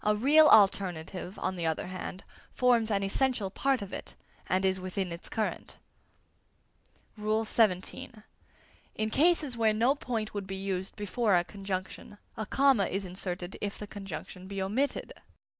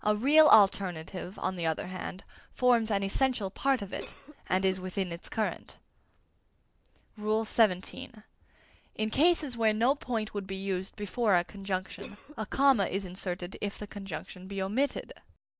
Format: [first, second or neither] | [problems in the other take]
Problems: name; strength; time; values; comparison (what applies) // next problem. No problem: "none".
first | noise reduction (neural separator model SepFormer DNS4)